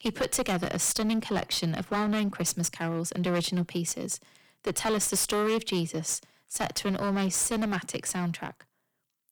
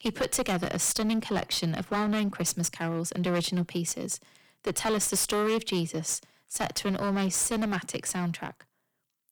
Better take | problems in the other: neither | distortion; heavy; 14% of the sound clipped; the same in both

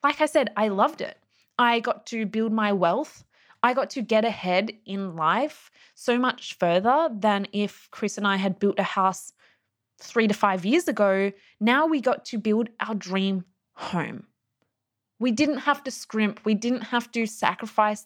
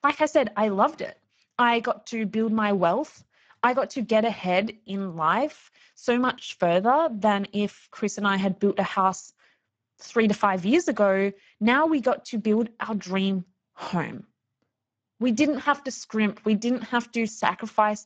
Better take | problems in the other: first | garbled, watery; badly; nothing above 7.5 kHz

